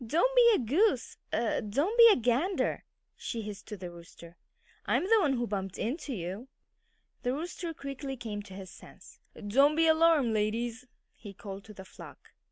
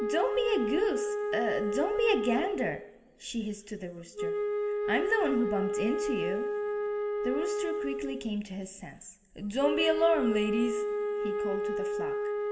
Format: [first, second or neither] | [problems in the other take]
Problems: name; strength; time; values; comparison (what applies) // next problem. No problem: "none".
first | background sound (Wind instrument, woodwind instrument); as loud as the speech // room echo; dies away in 1.4 s